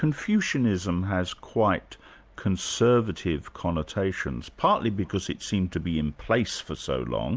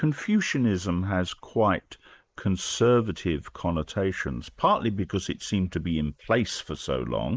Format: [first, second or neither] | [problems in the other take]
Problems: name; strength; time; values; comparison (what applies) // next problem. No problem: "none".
first | noise reduction (neural mask model Resemble Enhance denoiser)